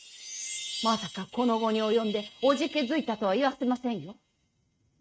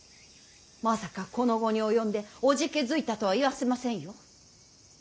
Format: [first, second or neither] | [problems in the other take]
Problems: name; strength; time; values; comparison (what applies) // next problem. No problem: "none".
second | noise reduction (neural mask model RNNoise)